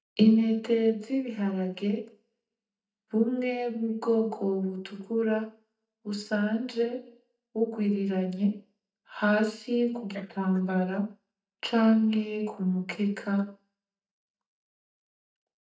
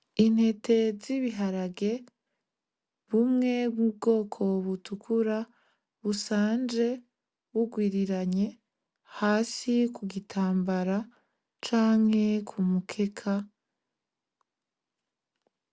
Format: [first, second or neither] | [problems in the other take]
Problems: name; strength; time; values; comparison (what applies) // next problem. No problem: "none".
second | noise reduction (neural mask model DeepFilterNet 3)